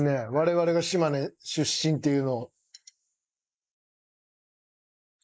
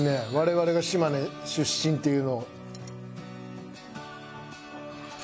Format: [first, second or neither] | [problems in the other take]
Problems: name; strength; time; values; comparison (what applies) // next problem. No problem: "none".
second | noise reduction (neural mask model Resemble Enhance denoiser)